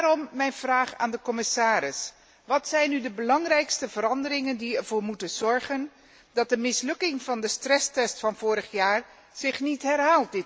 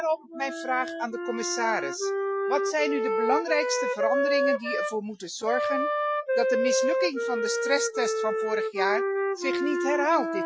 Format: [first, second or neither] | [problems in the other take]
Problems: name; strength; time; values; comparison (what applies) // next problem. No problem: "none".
first | noise reduction (classical method Wiener filter)